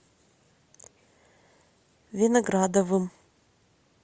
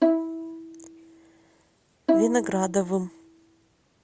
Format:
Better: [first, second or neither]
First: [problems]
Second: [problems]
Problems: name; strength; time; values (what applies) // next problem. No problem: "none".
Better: first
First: none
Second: background sound (Bowed string instrument); 2 dB above the speech